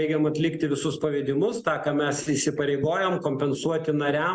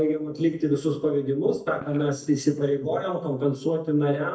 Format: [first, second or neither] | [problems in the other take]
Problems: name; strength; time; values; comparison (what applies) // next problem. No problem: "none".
first | noise reduction (neural mask model DeepFilterNet 3)